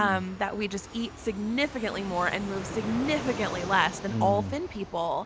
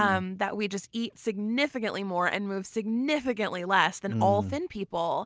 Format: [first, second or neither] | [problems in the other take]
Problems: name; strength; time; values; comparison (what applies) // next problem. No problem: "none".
second | background sound (Fixed-wing aircraft, airplane); 10 dB below the speech